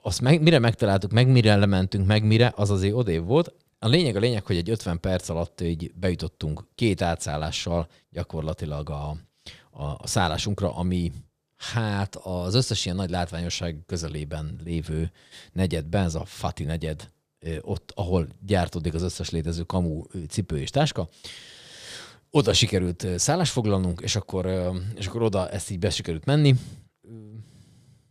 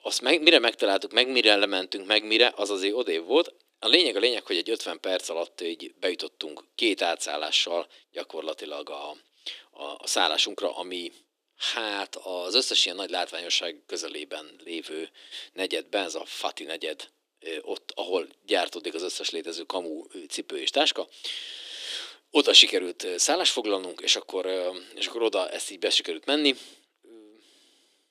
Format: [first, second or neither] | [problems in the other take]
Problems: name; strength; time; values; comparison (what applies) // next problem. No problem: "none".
first | thin; very; fading below 300 Hz